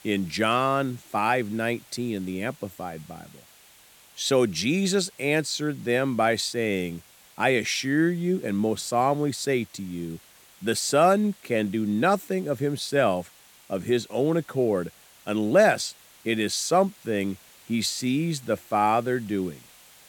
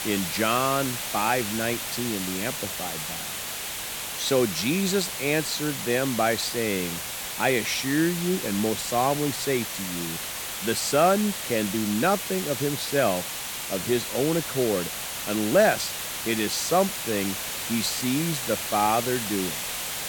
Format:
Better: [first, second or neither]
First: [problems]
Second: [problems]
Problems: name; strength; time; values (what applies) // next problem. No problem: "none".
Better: first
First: hiss; faint; throughout; 25 dB below the speech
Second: hiss; loud; throughout; 4 dB below the speech